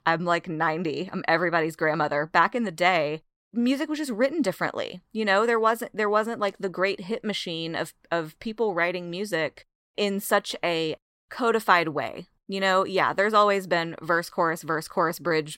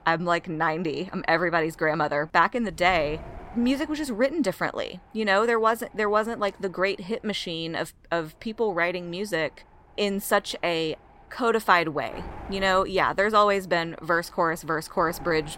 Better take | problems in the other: first | wind noise on the microphone; occasional gusts; 25 dB below the speech

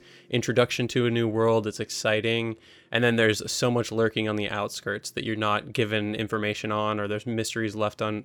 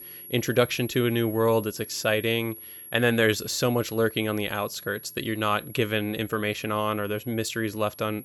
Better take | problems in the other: first | high-pitched whine; noticeable; throughout; 11.5 kHz, 15 dB below the speech

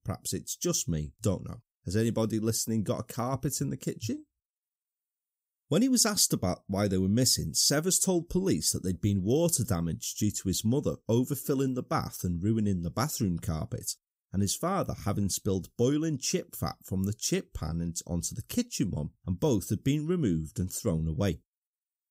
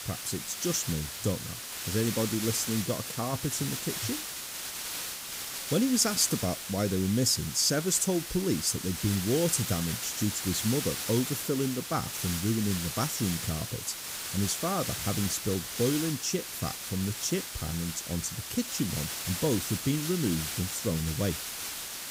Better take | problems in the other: first | hiss; loud; throughout; 4 dB below the speech

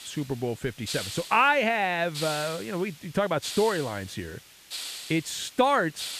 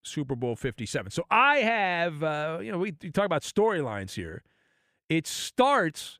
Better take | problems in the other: second | hiss; noticeable; throughout; 10 dB below the speech

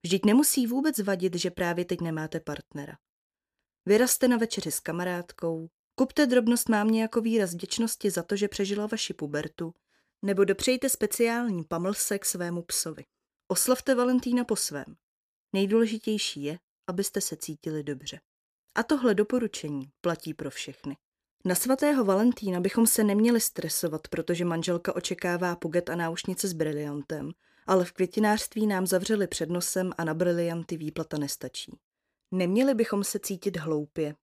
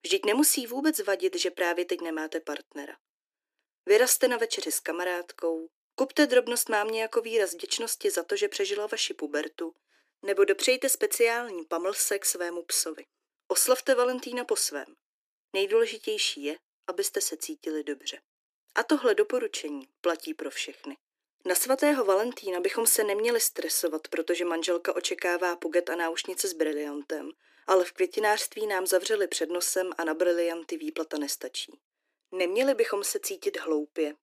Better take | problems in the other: first | thin; somewhat; fading below 300 Hz

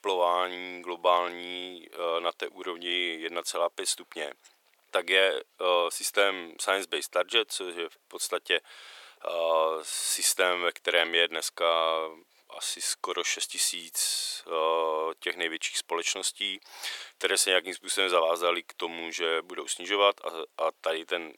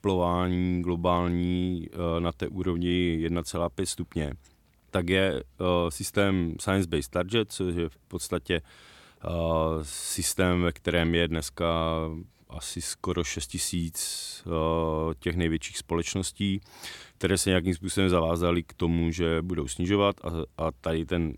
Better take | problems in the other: second | thin; very; fading below 500 Hz

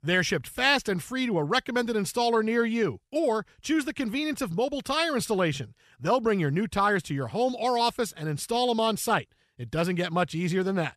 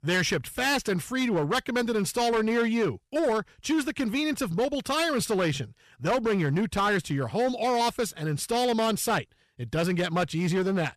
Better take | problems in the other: first | distortion; slight; 12% of the sound clipped

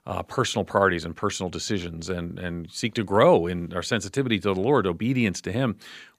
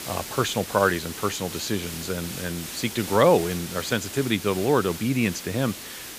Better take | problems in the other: first | hiss; loud; throughout; 9 dB below the speech

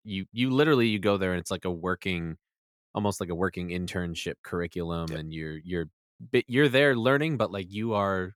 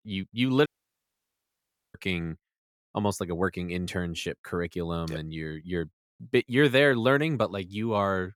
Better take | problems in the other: first | audio cutting out; at 0.5 s for 1.5 s

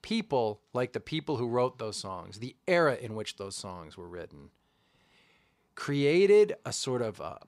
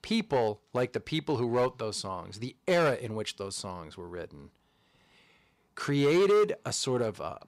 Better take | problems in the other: first | distortion; slight; 4% of the sound clipped

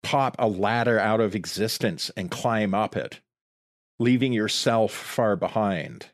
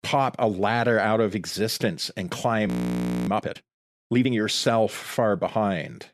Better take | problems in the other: first | audio freezing; at 2.5 s for 0.5 s

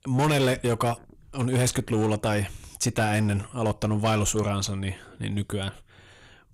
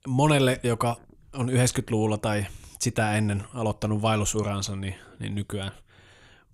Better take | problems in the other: second | distortion; slight; 7% of the sound clipped

